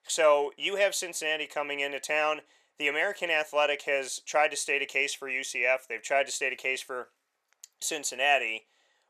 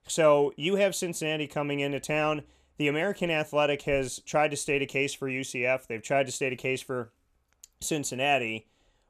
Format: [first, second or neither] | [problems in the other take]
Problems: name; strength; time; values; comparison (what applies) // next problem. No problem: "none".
second | thin; very; fading below 650 Hz